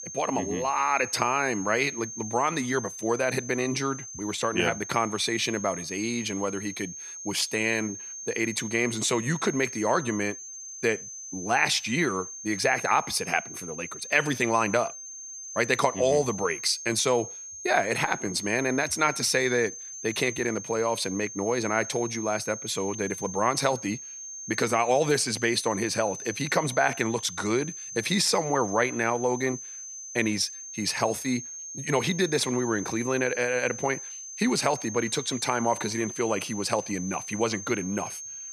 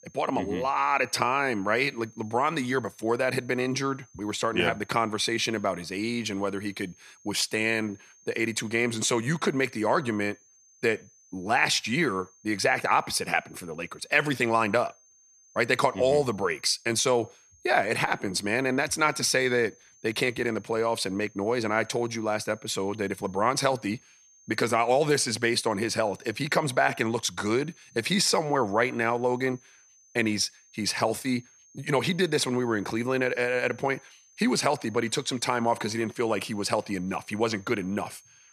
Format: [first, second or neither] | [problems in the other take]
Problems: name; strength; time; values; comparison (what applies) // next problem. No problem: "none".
second | high-pitched whine; loud; throughout; 6.5 kHz, 10 dB below the speech; faint in the second